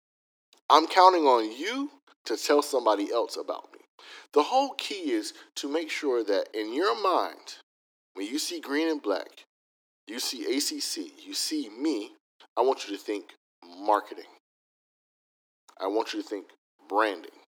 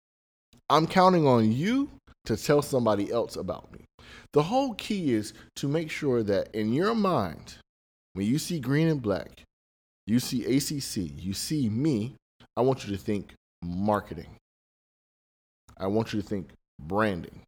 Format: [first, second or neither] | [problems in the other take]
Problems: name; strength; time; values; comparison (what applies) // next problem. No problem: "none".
second | thin; somewhat; fading below 300 Hz